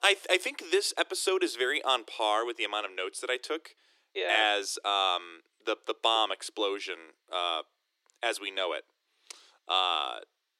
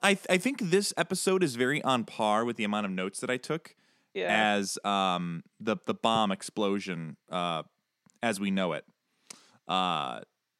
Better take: second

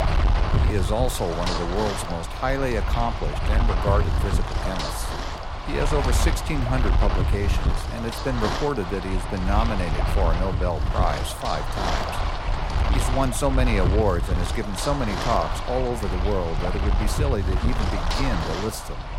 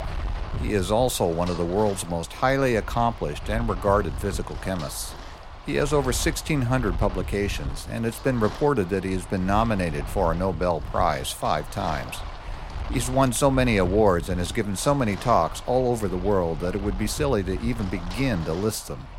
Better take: second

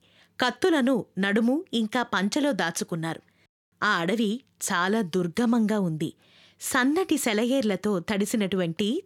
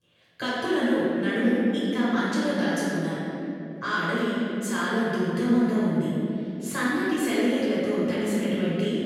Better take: first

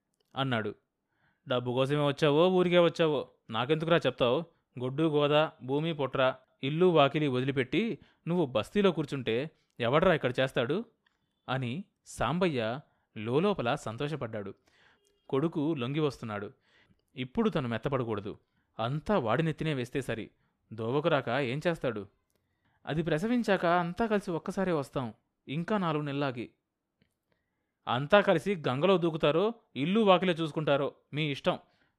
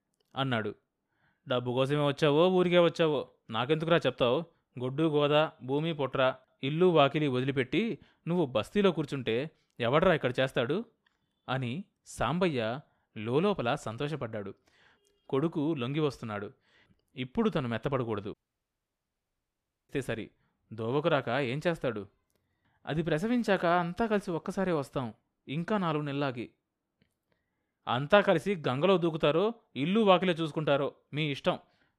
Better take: first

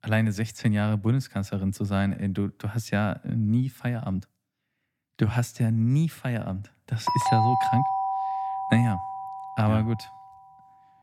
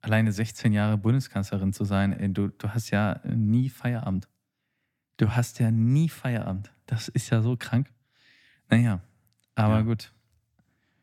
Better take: second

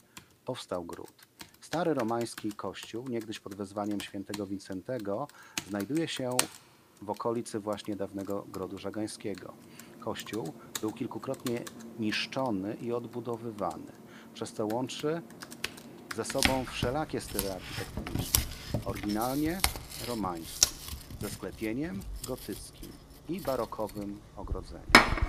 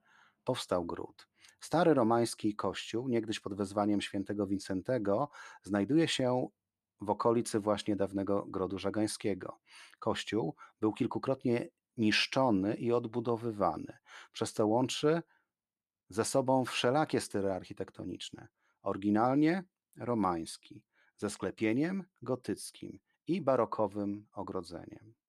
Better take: second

